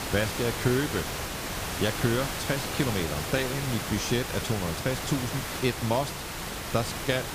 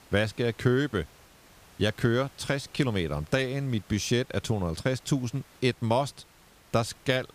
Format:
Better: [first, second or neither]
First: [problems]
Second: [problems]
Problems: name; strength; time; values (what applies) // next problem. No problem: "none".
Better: second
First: hiss; loud; throughout; 3 dB below the speech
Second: hiss; faint; throughout; 25 dB below the speech